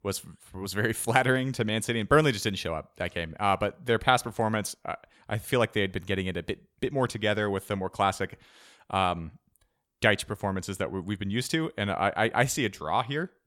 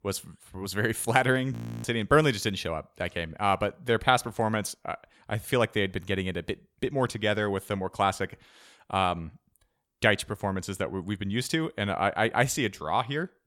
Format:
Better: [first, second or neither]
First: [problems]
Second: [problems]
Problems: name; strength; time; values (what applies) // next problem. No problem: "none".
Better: first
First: none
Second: audio freezing; at 1.5 s